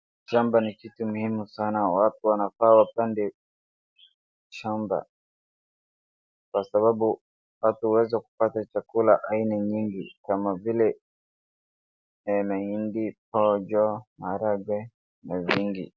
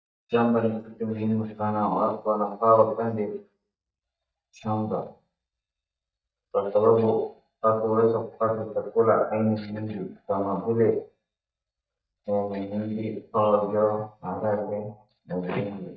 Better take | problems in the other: first | noise reduction (neural mask model DeepFilterNet 3)

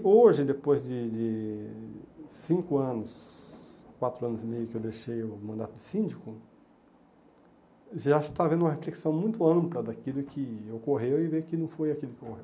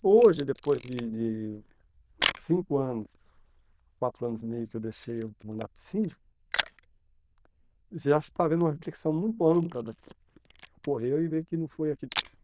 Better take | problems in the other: first | noise reduction (neural diffusion model UNIVERSE++)

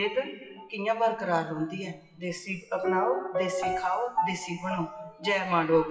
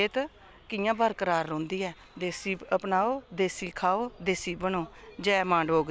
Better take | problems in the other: second | noise reduction (classical method WPE with log-MMSE)

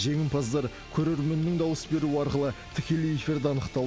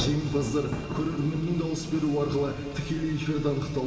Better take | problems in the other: first | background sound (Thunder); 11 dB below the speech // room echo; dies away in 2.4 s

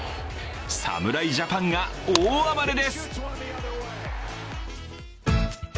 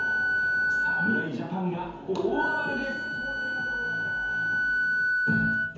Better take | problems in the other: first | background sound (Wind instrument, woodwind instrument); 5 dB above the speech // room echo; dies away in 0.9 s

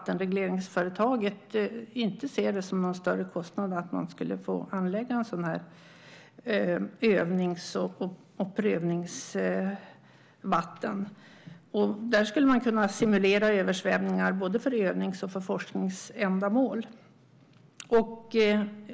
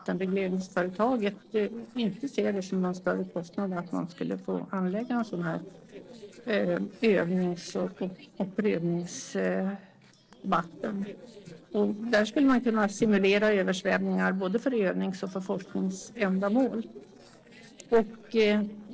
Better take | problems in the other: first | noise reduction (neural separator model SepFormer DNS4)

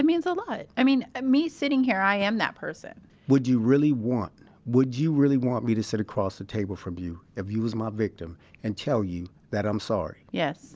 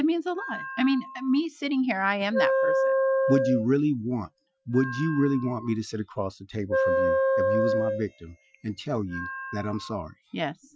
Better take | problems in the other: first | noise reduction (classical method Wiener filter)

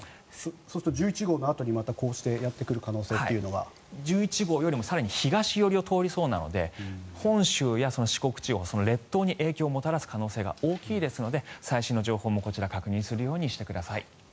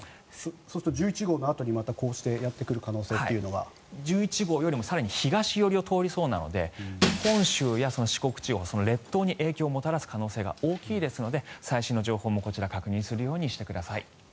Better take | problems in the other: first | background sound (Shatter); 7 dB below the speech

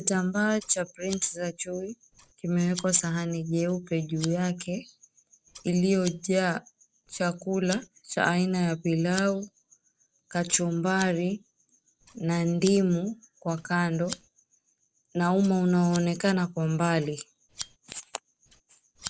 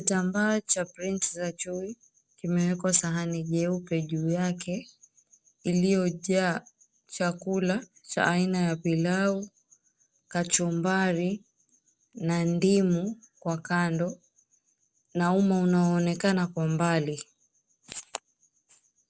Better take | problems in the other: second | background sound (Scissors); 20 dB below the speech

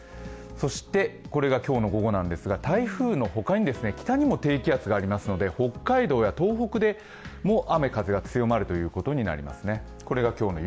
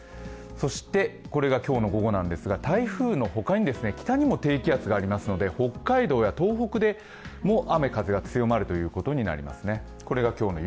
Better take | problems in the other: first | background sound (Piano); 19 dB below the speech

